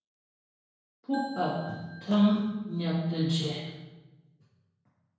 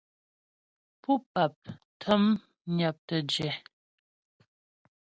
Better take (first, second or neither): second